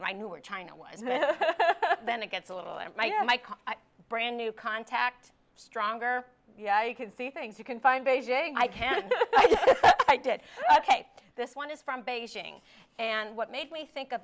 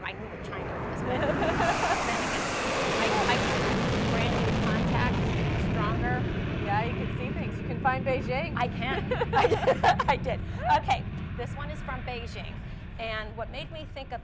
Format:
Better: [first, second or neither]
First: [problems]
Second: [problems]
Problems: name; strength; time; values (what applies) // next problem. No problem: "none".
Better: first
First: none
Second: background sound (Fixed-wing aircraft, airplane); 2 dB above the speech